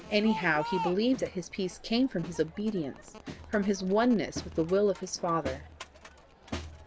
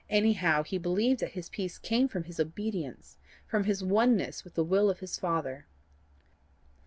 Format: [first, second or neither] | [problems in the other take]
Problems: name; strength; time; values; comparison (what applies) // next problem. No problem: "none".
second | background sound (Crowd); 12 dB below the speech